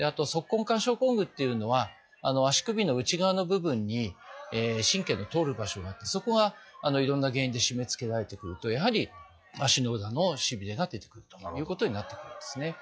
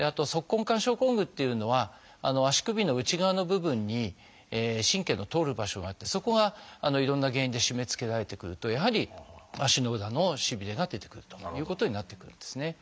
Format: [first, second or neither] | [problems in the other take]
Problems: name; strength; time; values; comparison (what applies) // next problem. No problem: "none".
second | noise reduction (classical method log-MMSE)